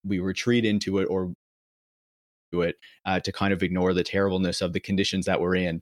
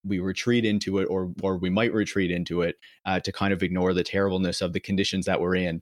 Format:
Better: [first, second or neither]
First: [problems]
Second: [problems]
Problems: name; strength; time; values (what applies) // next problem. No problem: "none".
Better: second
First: audio cutting out; at 1.5 s for 1 s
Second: none